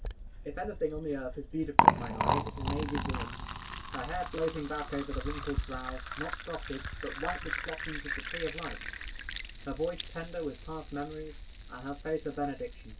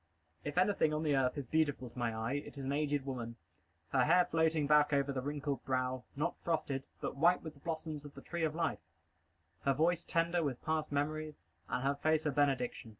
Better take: second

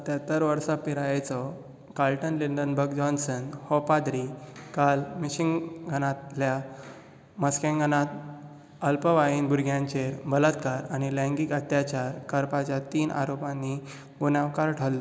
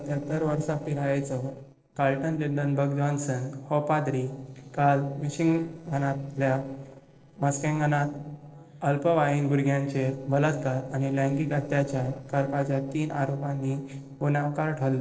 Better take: first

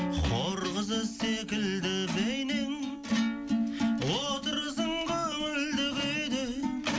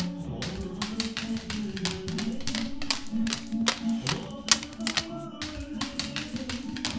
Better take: first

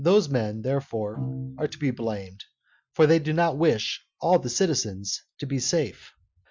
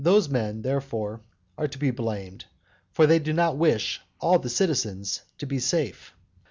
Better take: second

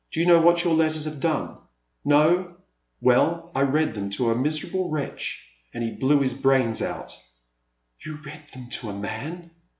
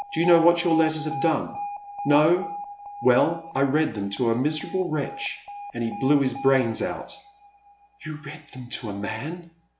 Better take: first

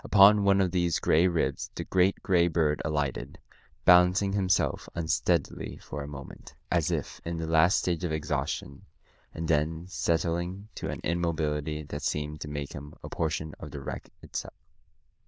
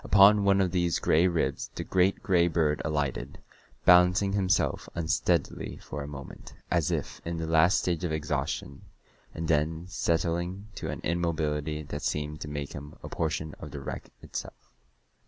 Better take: second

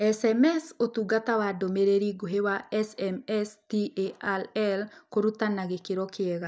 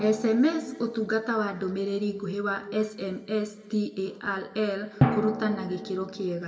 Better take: first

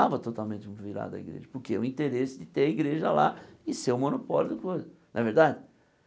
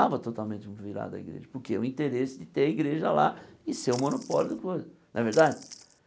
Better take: first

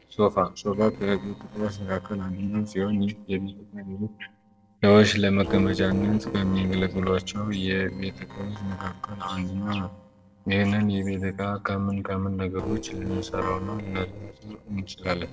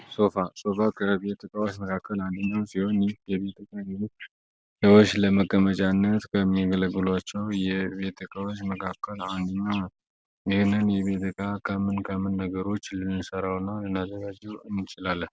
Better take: second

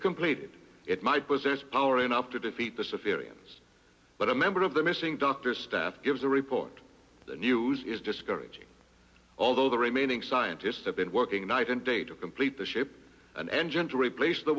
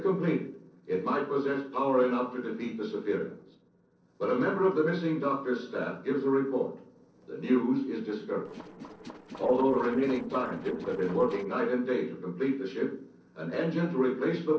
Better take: first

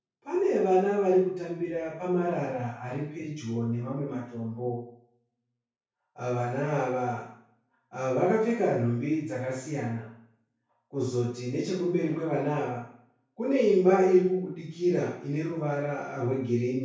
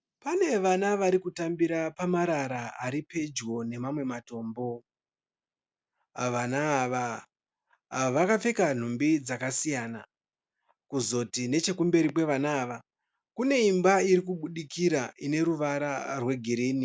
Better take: second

